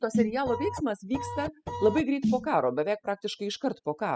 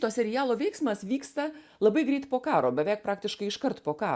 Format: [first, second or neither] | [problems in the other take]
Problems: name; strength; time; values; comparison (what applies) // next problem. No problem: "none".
second | noise reduction (classical method spectral subtraction)